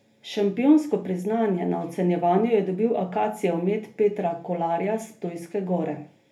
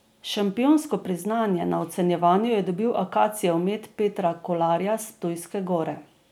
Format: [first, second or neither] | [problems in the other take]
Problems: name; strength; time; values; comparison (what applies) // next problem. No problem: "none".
second | room echo; dies away in 0.3 s